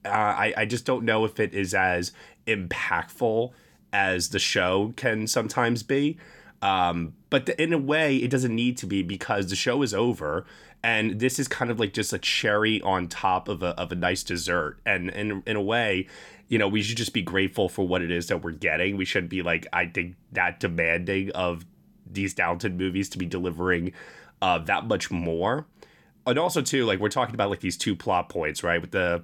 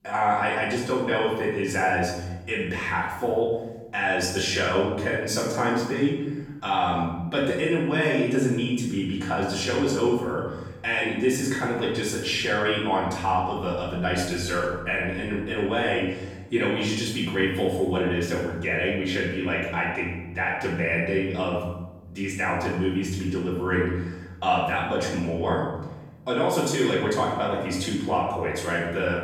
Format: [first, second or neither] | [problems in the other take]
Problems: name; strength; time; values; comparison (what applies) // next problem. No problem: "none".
first | room echo; noticeable; dies away in 1 s // off-mic speech; far